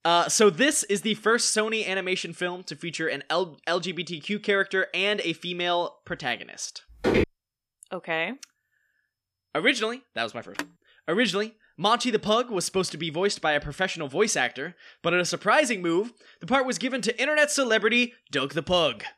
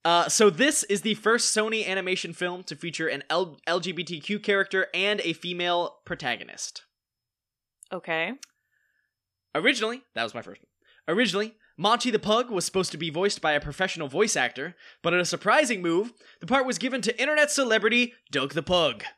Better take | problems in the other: second | footsteps; loud; at 7 s; peak 1 dB above the speech // phone ringing; faint; at 11 s; peak 10 dB below the speech

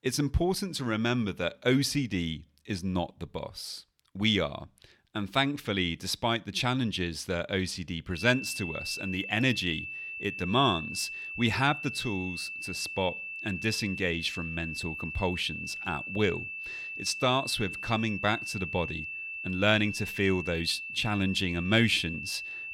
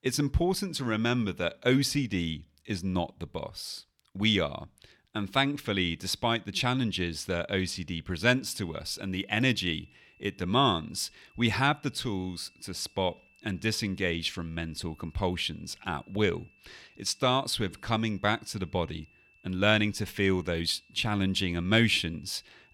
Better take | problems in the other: second | high-pitched whine; loud; from 8 s on; 2.5 kHz, 6 dB below the speech; faint in the second

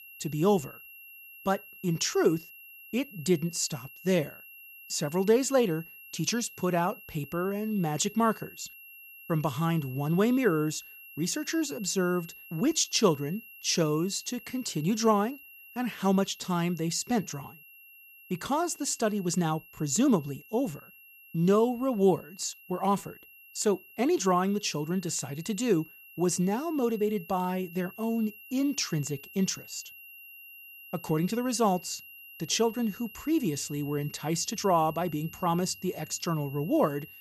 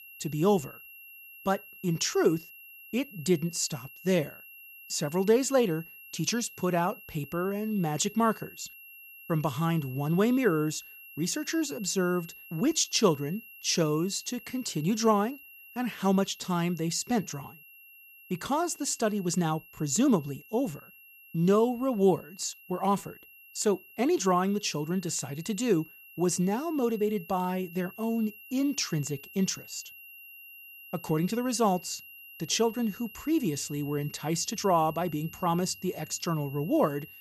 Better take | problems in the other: neither | high-pitched whine; noticeable; throughout; 2.5 kHz, 20 dB below the speech; the same in both

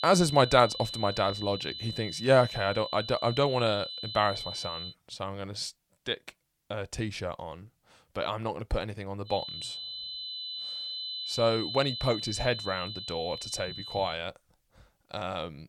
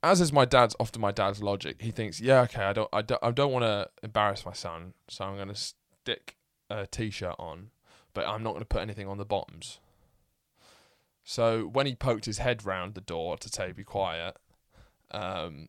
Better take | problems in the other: second | high-pitched whine; loud; until 5 s and from 9.5 to 14 s; 4 kHz, 7 dB below the speech

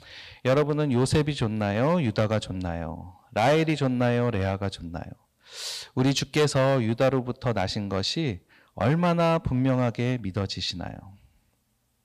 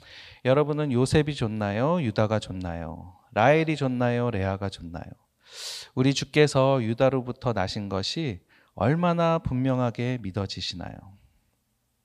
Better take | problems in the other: second | distortion; slight; 5% of the sound clipped

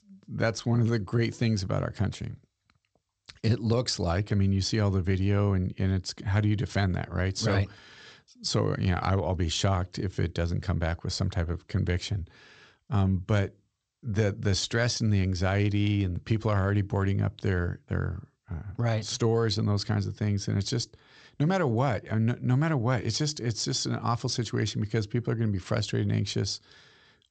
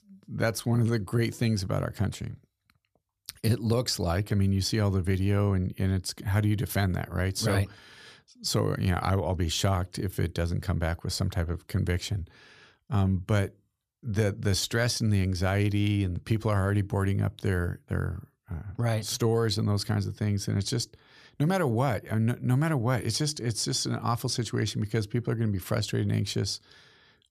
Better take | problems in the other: second | garbled, watery; slightly; nothing above 8 kHz

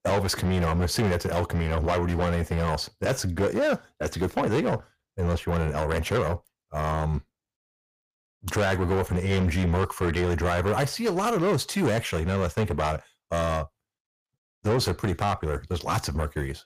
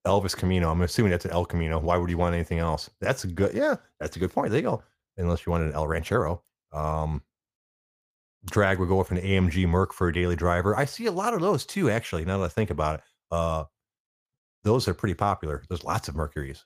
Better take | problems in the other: second | distortion; heavy; 7 dB below the speech

